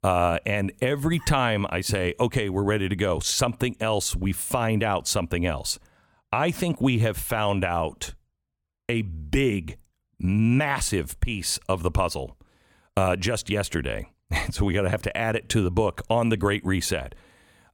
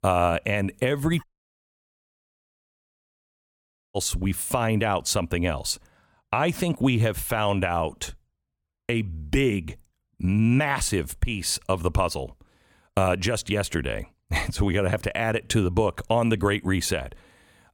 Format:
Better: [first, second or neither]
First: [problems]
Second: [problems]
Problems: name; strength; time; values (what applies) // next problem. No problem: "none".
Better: first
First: none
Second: audio cutting out; at 1 s for 2.5 s